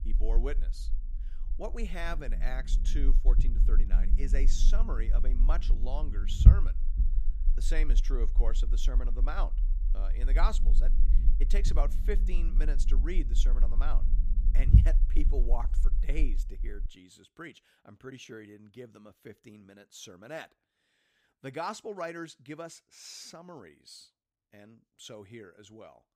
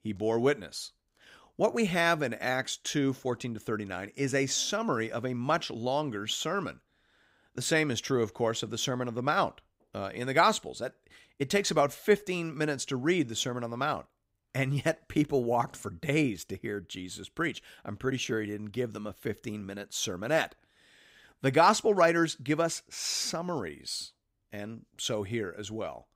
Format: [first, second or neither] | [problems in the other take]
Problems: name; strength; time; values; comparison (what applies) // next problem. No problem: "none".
second | low rumble; loud; until 17 s; 8 dB below the speech